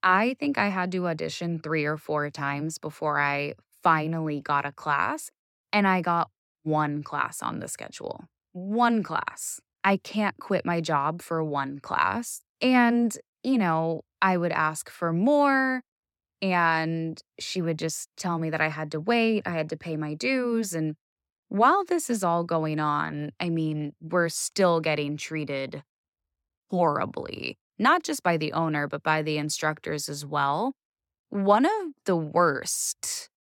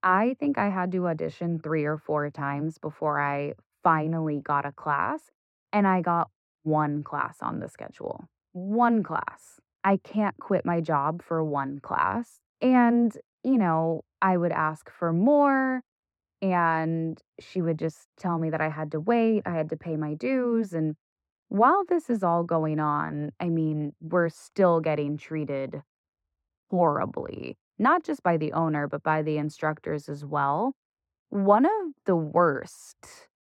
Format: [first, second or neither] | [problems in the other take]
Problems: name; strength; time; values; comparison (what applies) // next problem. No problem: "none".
first | muffled; very; fading above 2.5 kHz